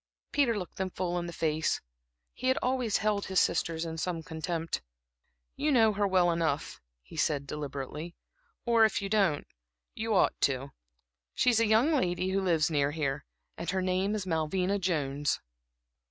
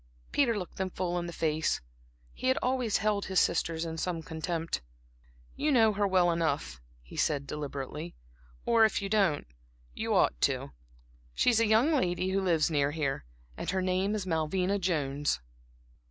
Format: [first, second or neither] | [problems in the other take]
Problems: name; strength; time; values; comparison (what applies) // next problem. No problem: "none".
second | noise reduction (neural mask model RNNoise)